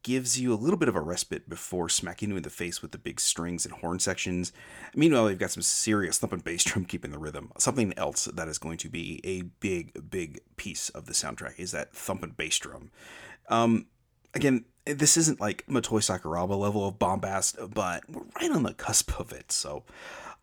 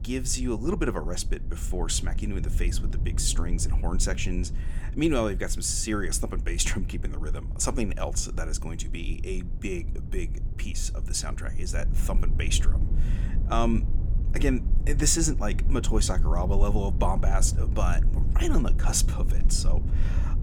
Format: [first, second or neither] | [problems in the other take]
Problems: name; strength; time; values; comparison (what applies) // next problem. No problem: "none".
first | low rumble; noticeable; throughout; 15 dB below the speech